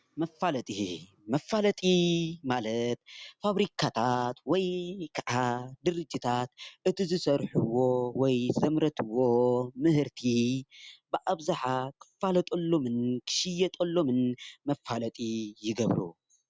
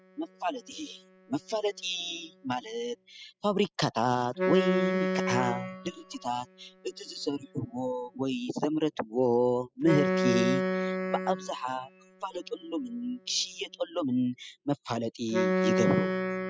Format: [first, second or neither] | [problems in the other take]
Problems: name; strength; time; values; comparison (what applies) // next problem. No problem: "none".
first | noise reduction (classical method spectral subtraction)